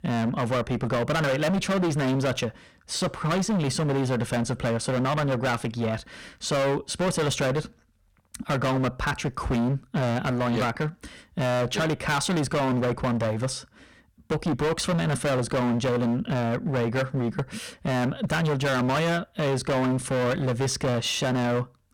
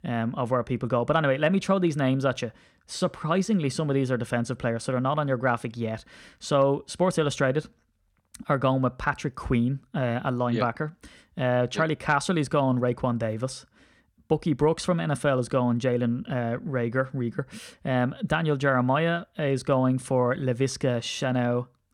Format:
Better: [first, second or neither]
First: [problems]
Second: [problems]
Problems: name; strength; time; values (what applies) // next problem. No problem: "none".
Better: second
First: distortion; heavy; 26% of the sound clipped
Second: none